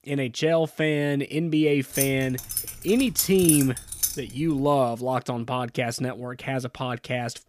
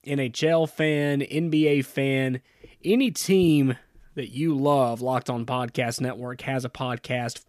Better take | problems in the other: second | jangling keys; loud; from 2 to 4 s; peak 3 dB above the speech

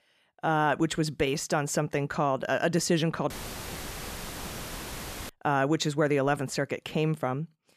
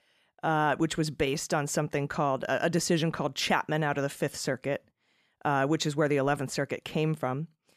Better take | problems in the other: second | audio cutting out; filled with static; at 3.5 s for 2 s

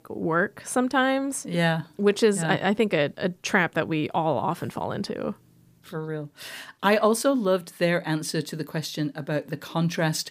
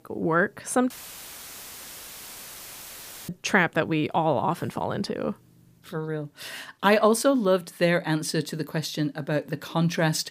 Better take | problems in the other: first | audio cutting out; filled with static; at 1 s for 2.5 s

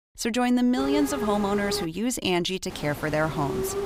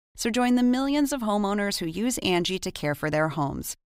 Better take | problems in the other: second | hiss; loud; from 1 to 2 s and from 2.5 s on; 7 dB below the speech

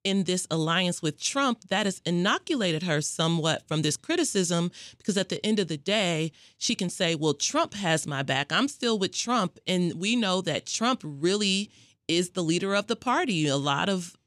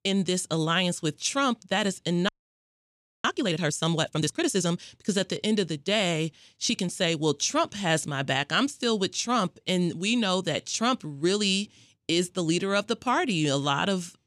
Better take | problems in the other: first | audio freezing; at 2.5 s for 1 s

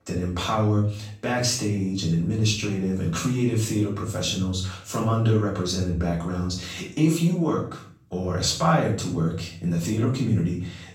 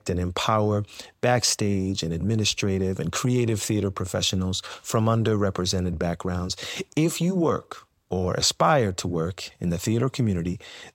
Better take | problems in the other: second | off-mic speech; far // room echo; noticeable; dies away in 0.5 s

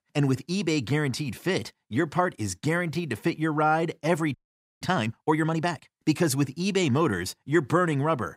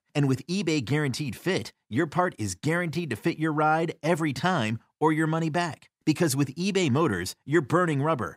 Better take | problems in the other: second | audio freezing; at 4.5 s

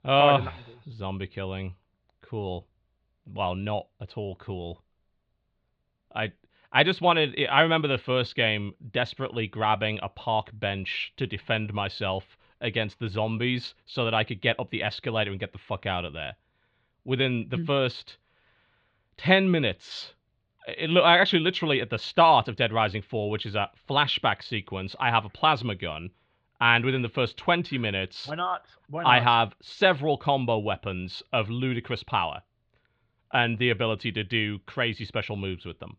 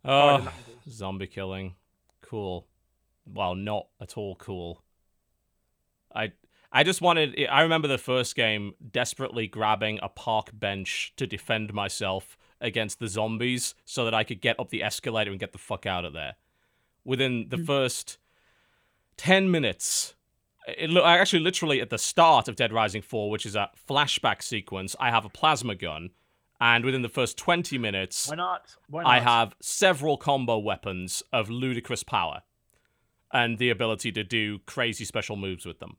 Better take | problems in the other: second | muffled; slightly; fading above 4 kHz

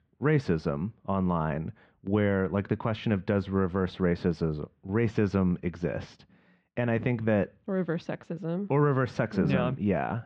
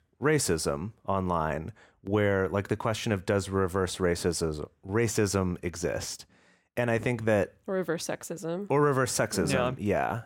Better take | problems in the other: second | muffled; very; fading above 3.5 kHz

